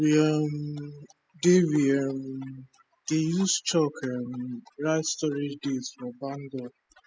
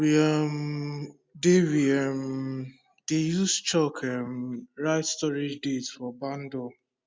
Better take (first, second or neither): second